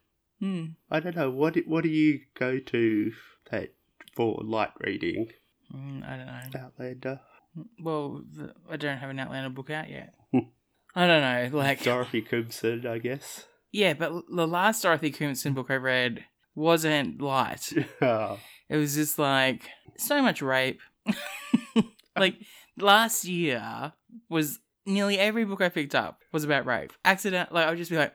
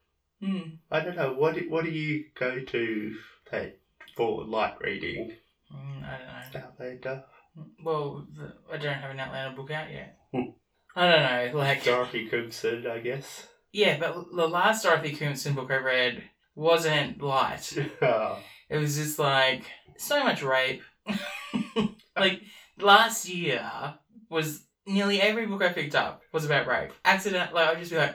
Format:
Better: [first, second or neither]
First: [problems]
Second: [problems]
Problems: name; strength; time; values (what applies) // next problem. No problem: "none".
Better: first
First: none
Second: room echo; slight; dies away in 0.3 s // off-mic speech; far